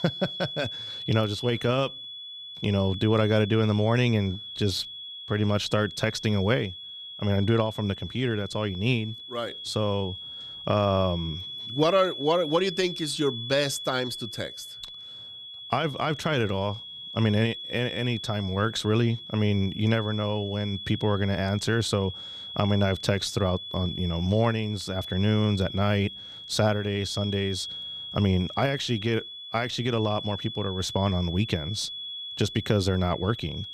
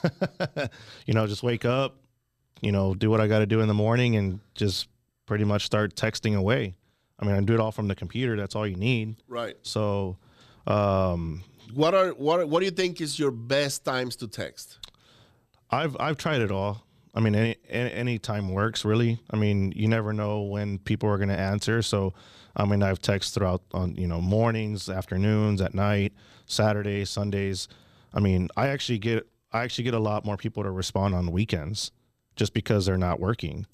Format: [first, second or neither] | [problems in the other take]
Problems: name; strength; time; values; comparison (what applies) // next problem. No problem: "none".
second | high-pitched whine; loud; throughout; 3.5 kHz, 9 dB below the speech